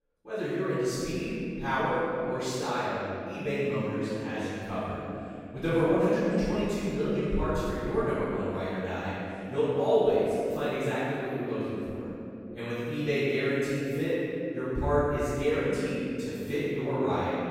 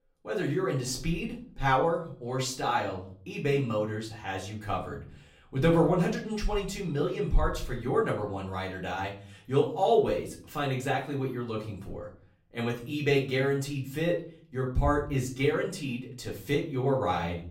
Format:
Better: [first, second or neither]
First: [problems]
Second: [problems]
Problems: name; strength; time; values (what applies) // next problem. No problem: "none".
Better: second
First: room echo; strong; dies away in 2.9 s // off-mic speech; far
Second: room echo; slight; dies away in 0.4 s // off-mic speech; far